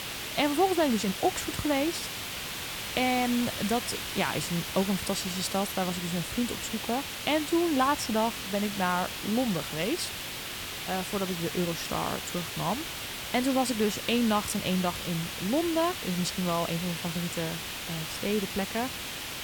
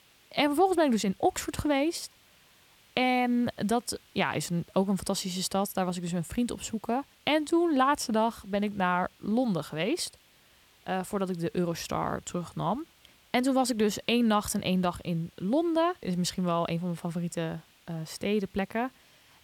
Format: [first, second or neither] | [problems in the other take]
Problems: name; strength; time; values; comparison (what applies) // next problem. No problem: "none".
second | hiss; loud; throughout; 4 dB below the speech; faint in the second